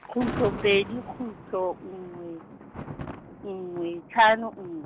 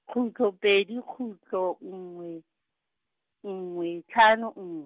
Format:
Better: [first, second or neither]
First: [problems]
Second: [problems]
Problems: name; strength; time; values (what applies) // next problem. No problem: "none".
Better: second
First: background sound (Thunder); 10 dB below the speech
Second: none